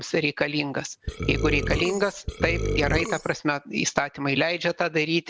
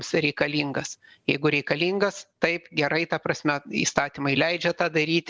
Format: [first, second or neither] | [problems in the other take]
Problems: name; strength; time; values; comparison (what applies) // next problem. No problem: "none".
second | background sound (Burping, eructation); 2 dB below the speech